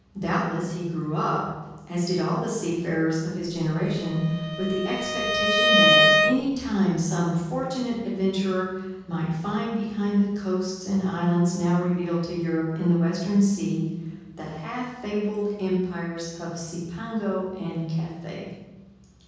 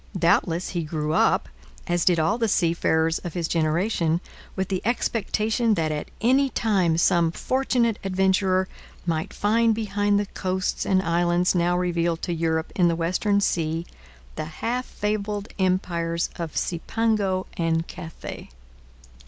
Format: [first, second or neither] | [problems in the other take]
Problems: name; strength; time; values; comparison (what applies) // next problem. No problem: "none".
second | background sound (Bowed string instrument); 3 dB above the speech // room echo; dies away in 1.3 s